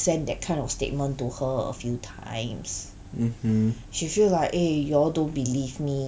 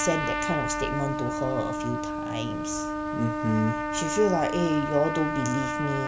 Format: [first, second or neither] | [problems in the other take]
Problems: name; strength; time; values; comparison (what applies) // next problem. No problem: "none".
first | background sound (Trumpet); 2 dB below the speech